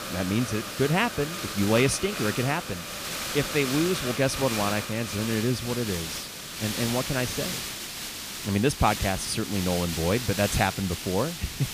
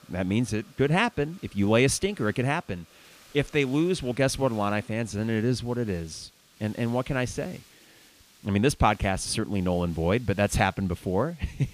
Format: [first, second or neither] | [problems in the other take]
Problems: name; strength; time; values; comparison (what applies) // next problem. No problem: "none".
second | hiss; loud; throughout; 5 dB below the speech; faint in the second